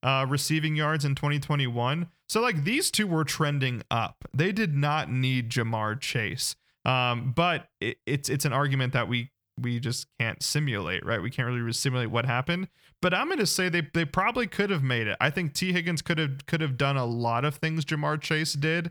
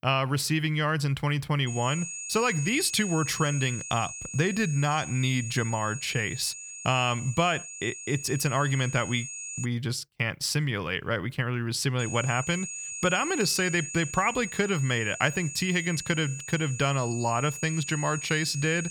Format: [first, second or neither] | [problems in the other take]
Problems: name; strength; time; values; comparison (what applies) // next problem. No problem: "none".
first | high-pitched whine; loud; from 1.5 to 9.5 s and from 12 s on; 6.5 kHz, 9 dB below the speech